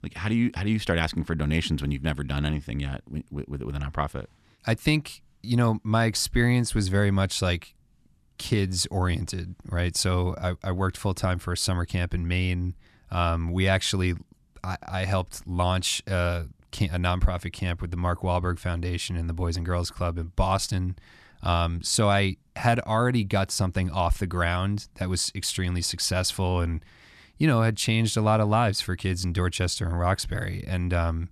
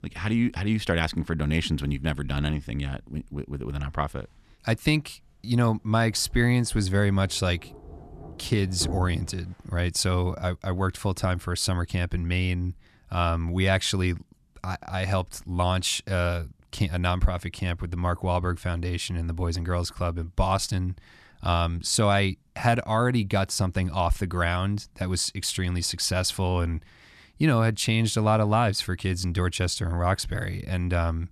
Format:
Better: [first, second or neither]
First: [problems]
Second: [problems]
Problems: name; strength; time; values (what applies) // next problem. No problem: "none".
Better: first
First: none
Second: rain or running water; noticeable; until 9.5 s; 15 dB below the speech